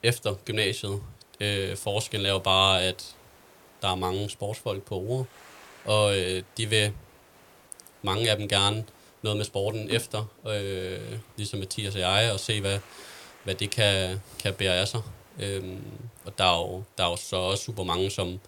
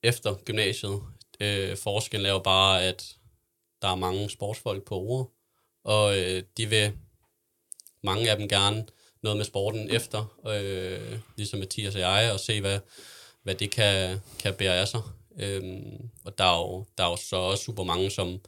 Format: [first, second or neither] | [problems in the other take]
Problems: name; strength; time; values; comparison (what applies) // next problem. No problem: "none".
second | hiss; faint; throughout; 25 dB below the speech